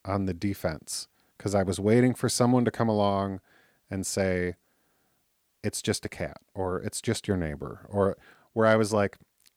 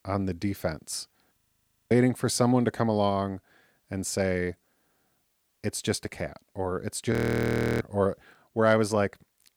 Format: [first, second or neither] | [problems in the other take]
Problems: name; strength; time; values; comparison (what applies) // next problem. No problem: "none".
first | audio freezing; at 1.5 s for 0.5 s and at 7 s for 0.5 s